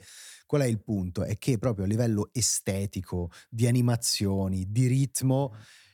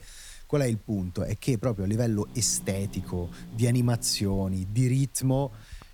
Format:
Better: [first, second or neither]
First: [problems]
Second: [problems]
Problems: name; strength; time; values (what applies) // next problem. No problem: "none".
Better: first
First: none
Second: hiss; noticeable; throughout; 20 dB below the speech